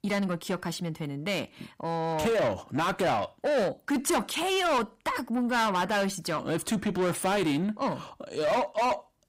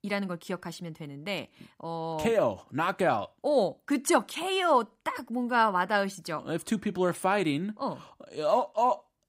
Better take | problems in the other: second | distortion; heavy; 7 dB below the speech

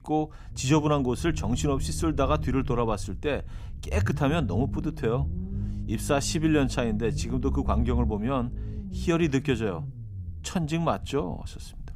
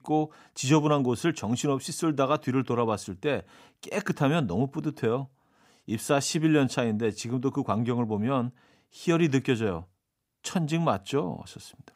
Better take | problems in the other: second | low rumble; noticeable; throughout; 15 dB below the speech

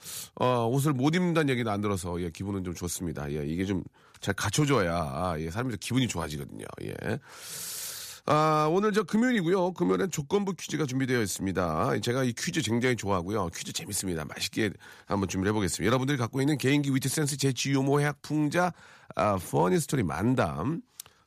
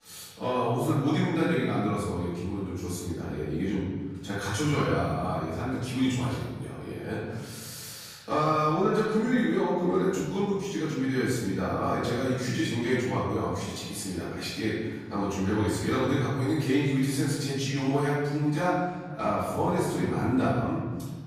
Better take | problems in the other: first | off-mic speech; far // room echo; strong; dies away in 1.5 s

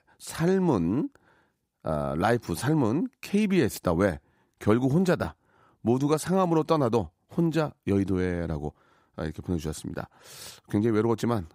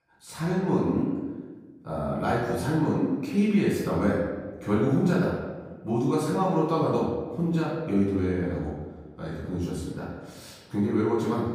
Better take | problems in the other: first | room echo; noticeable; dies away in 1.2 s // off-mic speech; far

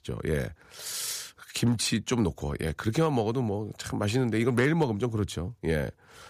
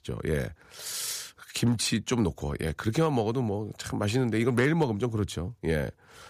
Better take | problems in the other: neither | none

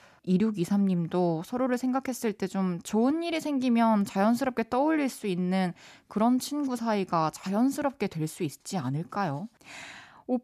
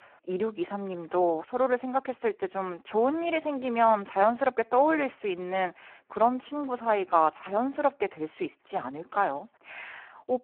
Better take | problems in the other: first | phone-call audio; poor line

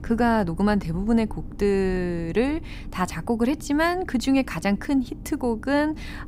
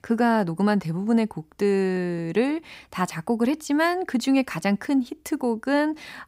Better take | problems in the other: second | low rumble; faint; throughout; 20 dB below the speech

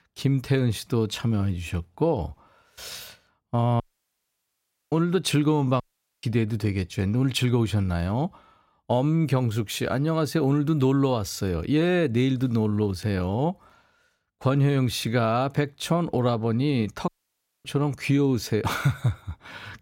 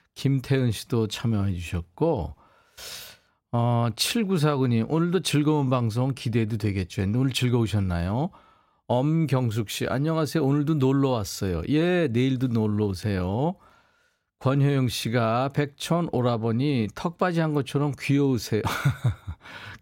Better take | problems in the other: second | audio cutting out; at 4 s for 1 s, at 6 s and at 17 s for 0.5 s

